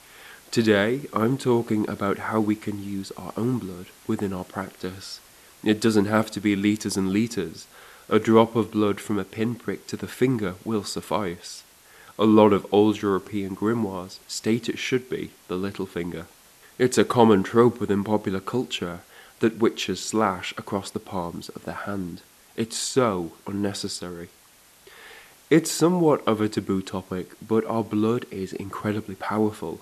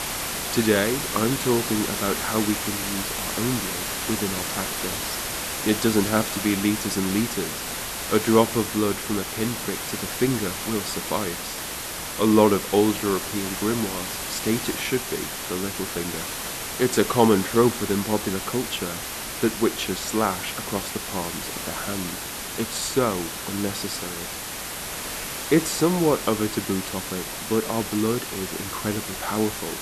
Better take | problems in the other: first | hiss; loud; throughout; 3 dB below the speech; faint in the first

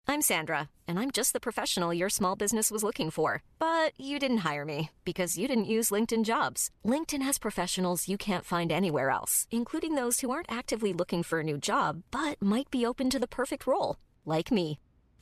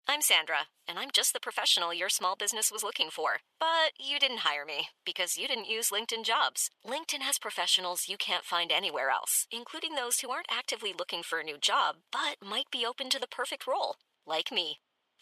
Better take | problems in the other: first | thin; very; fading below 750 Hz

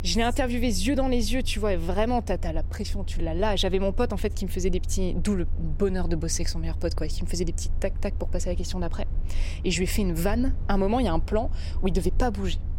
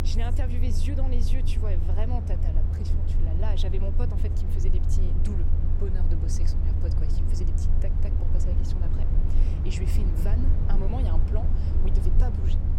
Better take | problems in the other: first | low rumble; loud; throughout; 1 dB below the speech; faint in the first

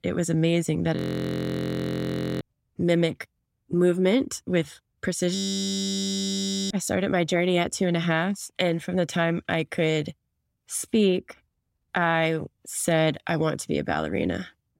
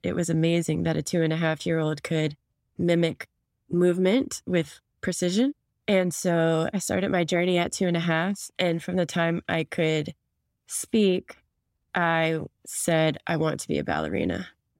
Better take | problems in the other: second | audio freezing; at 1 s for 1.5 s and at 5.5 s for 1.5 s

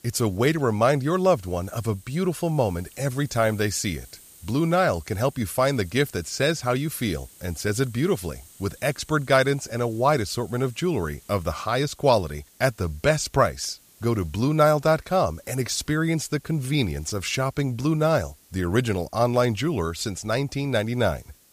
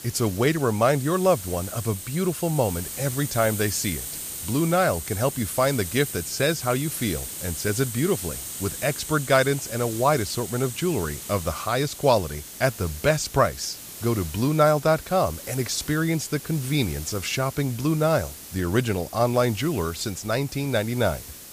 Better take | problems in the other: first | hiss; loud; throughout; 10 dB below the speech; faint in the first

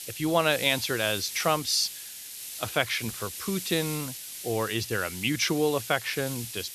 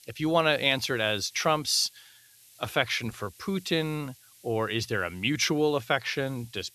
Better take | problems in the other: second | hiss; loud; throughout; 9 dB below the speech; faint in the second

